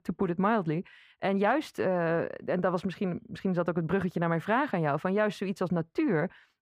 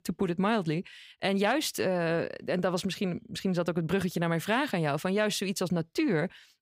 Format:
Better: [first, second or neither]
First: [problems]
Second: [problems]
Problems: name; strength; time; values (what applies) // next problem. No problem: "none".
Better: second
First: muffled; very; fading above 3 kHz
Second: none